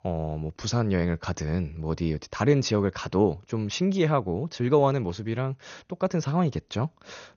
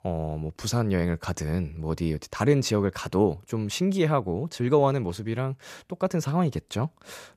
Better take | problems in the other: second | garbled, watery; slightly; nothing above 6.5 kHz

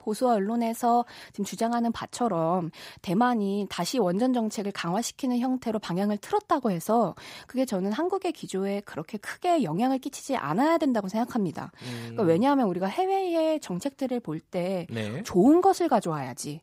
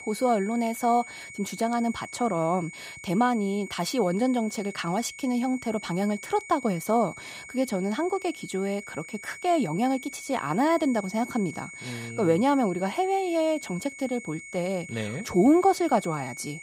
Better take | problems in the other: first | high-pitched whine; noticeable; throughout; 2 kHz, 15 dB below the speech

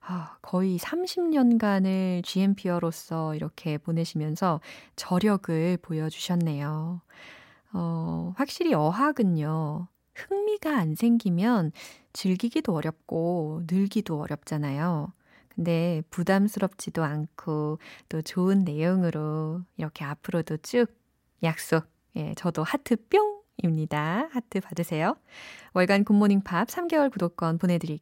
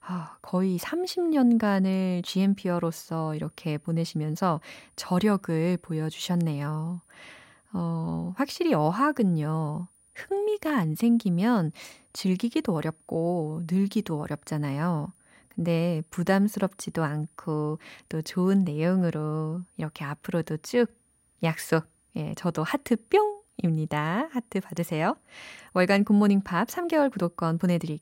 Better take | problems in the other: first | high-pitched whine; faint; throughout; 9.5 kHz, 35 dB below the speech

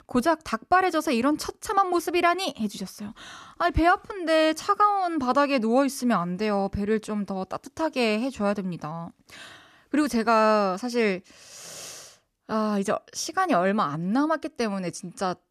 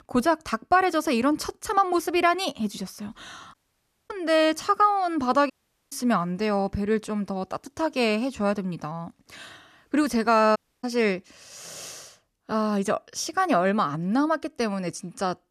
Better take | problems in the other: first | audio cutting out; at 3.5 s for 0.5 s, at 5.5 s and at 11 s

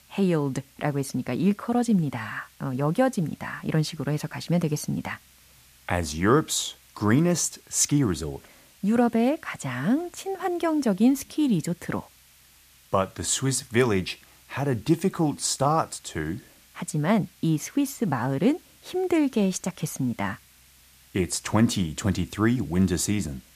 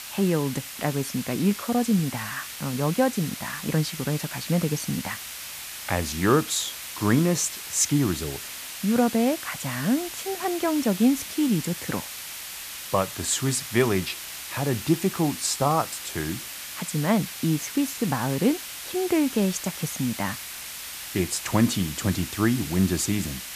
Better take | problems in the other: first | hiss; loud; throughout; 8 dB below the speech; faint in the first

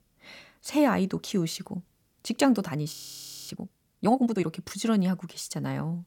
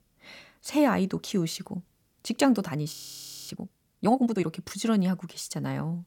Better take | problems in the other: neither | audio freezing; at 3 s for 0.5 s; the same in both

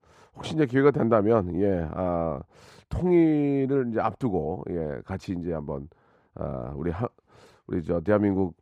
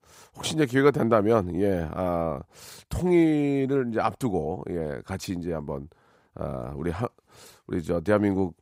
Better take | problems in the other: second | muffled; slightly; fading above 1.5 kHz

